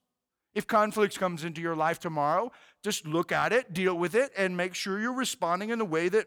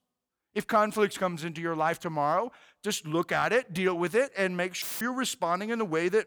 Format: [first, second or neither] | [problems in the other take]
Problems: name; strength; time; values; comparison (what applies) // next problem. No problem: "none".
first | audio cutting out; filled with static; at 5 s